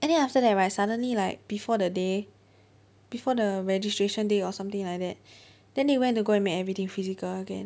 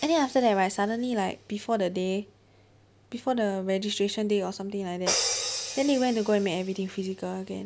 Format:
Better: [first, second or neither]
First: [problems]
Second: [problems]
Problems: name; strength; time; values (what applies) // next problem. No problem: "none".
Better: first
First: none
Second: background sound (Crash cymbal); 10 dB below the speech